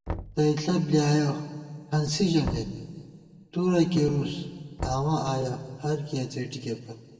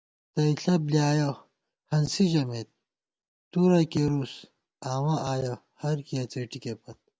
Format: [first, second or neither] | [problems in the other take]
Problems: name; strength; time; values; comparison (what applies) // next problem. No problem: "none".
second | background sound (Knock); 15 dB below the speech // room echo; dies away in 1.6 s